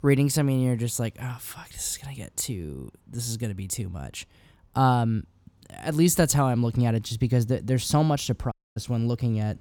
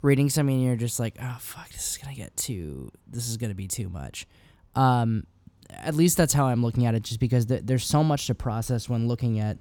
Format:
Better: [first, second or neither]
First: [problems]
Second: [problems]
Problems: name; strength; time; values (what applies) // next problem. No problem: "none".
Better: second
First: audio cutting out; at 8.5 s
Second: none